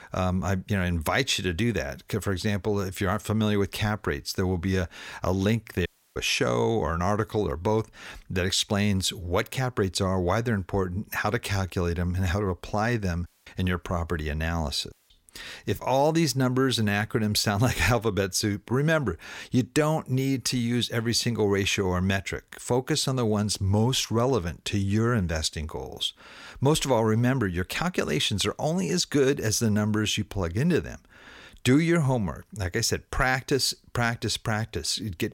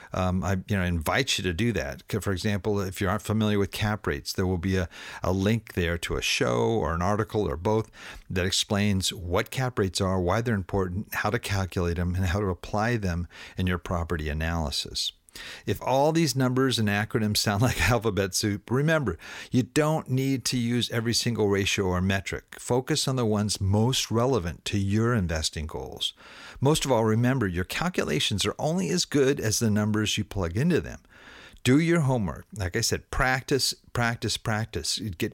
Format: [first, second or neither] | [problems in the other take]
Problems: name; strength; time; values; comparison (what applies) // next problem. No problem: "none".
second | audio cutting out; at 6 s, at 13 s and at 15 s